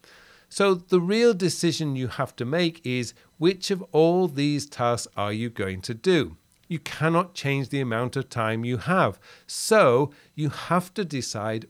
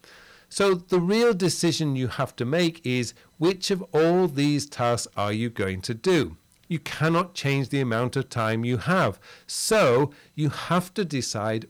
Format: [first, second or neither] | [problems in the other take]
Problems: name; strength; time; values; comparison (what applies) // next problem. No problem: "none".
first | distortion; slight; 6% of the sound clipped